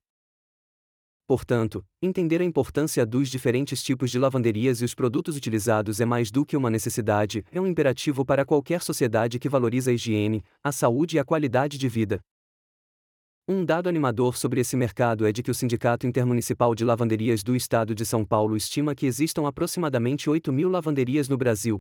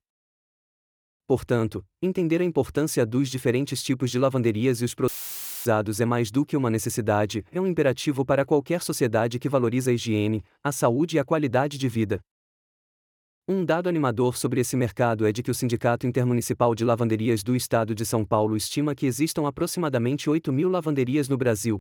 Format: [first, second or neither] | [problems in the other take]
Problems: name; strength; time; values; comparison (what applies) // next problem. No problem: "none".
first | audio cutting out; filled with static; at 5 s for 0.5 s